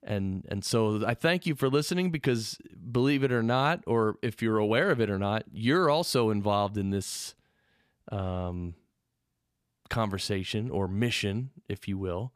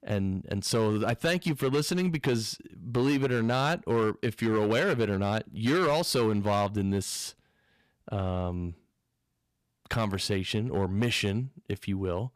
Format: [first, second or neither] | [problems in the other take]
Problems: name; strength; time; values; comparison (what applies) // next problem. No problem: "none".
first | distortion; slight; 7% of the sound clipped